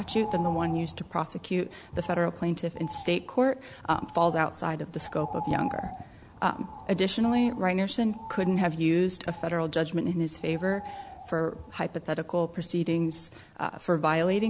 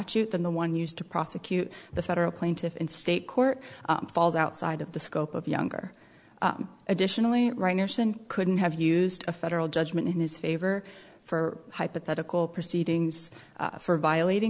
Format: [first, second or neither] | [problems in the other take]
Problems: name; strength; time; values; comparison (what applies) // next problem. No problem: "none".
second | background sound (Bird); 13 dB below the speech